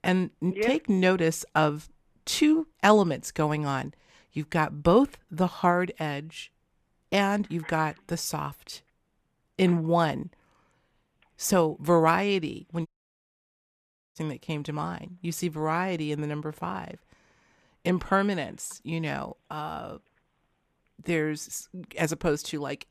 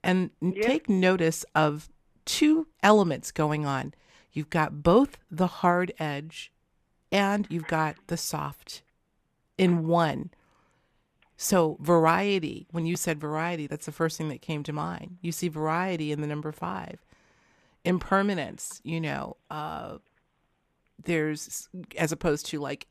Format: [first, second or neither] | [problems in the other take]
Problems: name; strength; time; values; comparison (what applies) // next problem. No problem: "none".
second | audio cutting out; at 13 s for 1.5 s